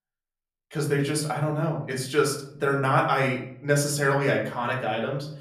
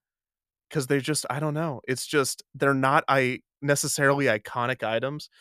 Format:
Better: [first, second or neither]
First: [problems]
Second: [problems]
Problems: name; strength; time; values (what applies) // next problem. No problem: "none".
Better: second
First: room echo; slight; dies away in 0.6 s // off-mic speech; far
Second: none